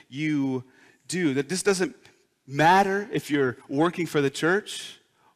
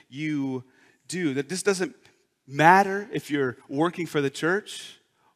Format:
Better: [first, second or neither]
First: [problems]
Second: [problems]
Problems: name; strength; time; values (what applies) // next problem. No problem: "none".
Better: second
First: distortion; slight; 10 dB below the speech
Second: none